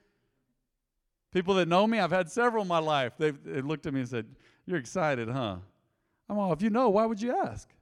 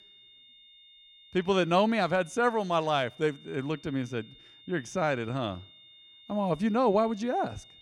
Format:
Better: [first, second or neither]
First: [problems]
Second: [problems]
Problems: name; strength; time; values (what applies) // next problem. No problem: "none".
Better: first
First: none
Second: high-pitched whine; faint; throughout; 3.5 kHz, 25 dB below the speech